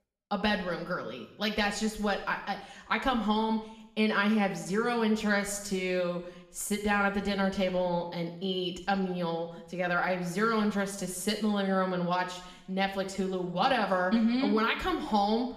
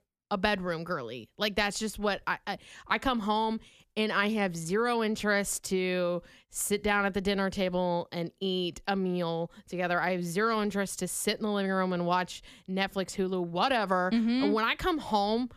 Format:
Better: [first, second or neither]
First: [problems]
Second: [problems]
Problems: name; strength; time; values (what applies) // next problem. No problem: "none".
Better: second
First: room echo; slight; dies away in 0.7 s // off-mic speech; somewhat distant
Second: none